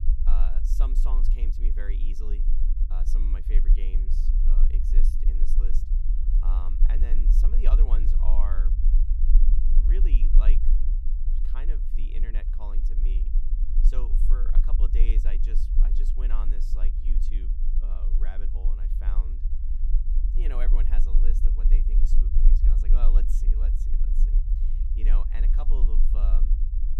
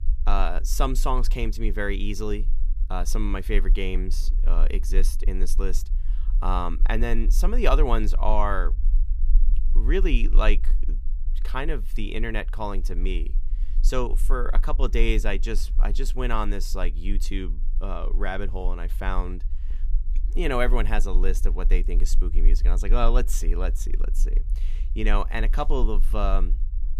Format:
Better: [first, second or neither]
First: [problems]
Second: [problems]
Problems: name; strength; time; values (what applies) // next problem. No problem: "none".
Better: second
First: low rumble; loud; throughout; 4 dB below the speech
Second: low rumble; faint; throughout; 25 dB below the speech